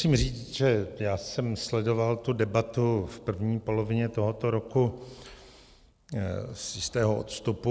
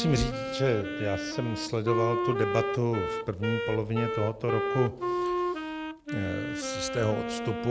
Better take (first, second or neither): first